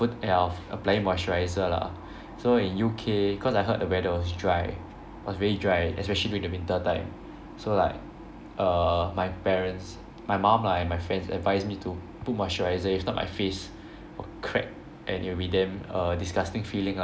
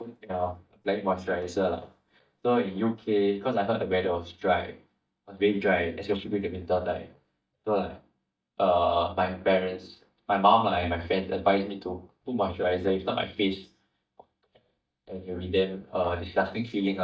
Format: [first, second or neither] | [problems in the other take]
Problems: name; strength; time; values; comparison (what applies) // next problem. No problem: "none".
first | noise reduction (neural mask model DeepFilterNet 3)